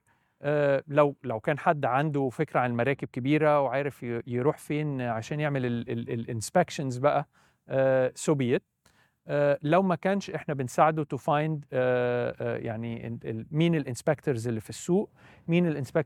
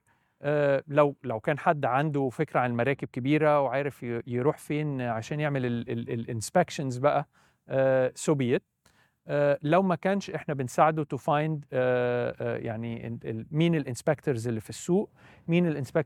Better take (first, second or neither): neither